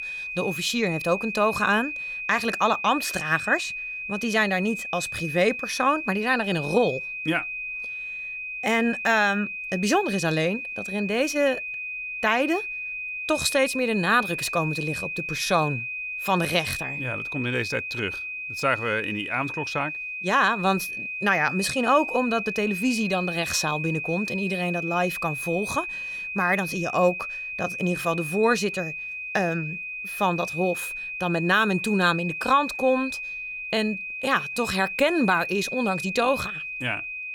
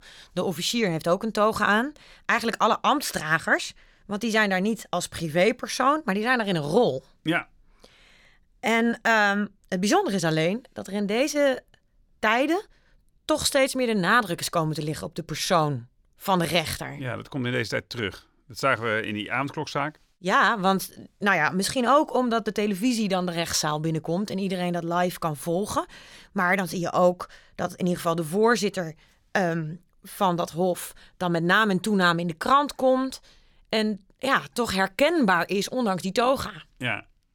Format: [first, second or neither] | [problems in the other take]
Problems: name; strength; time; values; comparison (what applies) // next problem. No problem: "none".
second | high-pitched whine; loud; throughout; 2.5 kHz, 5 dB below the speech